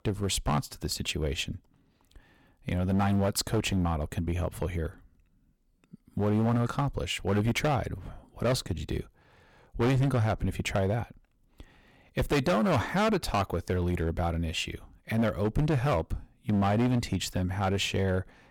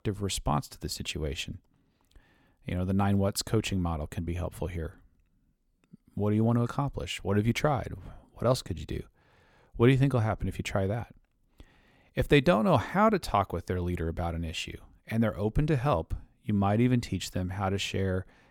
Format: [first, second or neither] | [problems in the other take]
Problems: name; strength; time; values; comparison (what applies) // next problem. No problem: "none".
second | distortion; heavy; 9% of the sound clipped